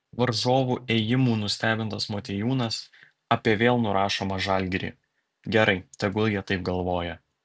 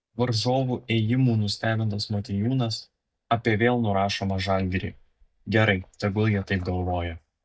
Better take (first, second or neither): first